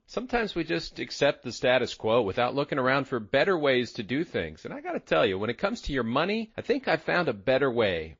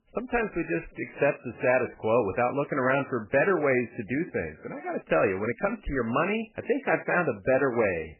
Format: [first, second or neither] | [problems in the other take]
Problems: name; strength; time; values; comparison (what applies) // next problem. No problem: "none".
first | garbled, watery; badly; nothing above 2.5 kHz; slightly in the first